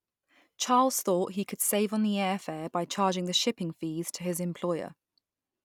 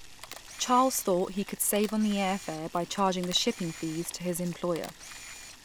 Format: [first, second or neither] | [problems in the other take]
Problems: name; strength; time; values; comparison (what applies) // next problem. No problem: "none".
first | background sound (Camera + Boiling); 16 dB below the speech